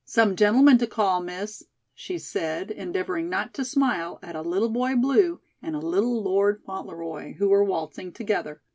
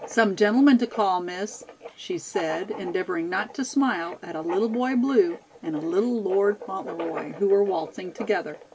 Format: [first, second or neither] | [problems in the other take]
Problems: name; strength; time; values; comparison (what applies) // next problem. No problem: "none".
first | background sound (Writing); 16 dB below the speech